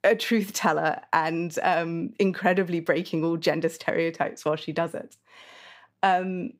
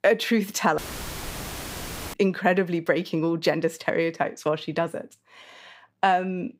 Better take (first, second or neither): first